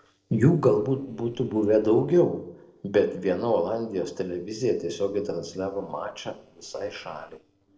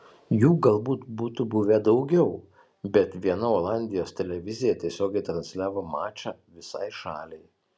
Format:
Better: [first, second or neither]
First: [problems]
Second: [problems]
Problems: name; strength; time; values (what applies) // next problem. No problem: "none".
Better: second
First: noise reduction (neural separator model SepFormer DNS4)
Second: none